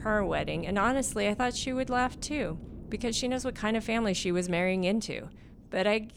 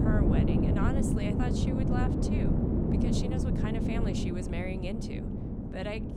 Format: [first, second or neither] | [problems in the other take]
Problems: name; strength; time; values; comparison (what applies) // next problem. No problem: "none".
first | wind noise on the microphone; heavy; 3 dB above the speech; occasional gusts in the first